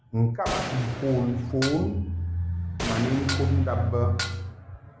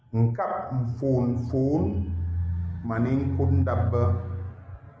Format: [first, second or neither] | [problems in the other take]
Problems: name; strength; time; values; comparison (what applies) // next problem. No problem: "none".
second | background sound (Dishes, pots, and pans + Gunshot, gunfire); 8 dB below the speech